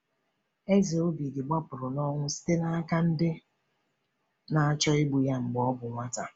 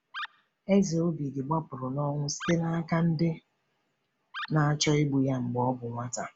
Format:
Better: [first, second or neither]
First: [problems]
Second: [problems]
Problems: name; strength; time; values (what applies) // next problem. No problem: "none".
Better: first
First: none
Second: background sound (Animal); 15 dB below the speech